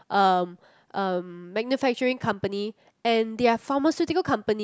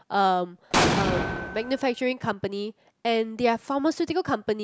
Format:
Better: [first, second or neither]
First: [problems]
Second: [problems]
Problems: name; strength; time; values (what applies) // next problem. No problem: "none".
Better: first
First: none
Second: background sound (Explosion); 1 dB above the speech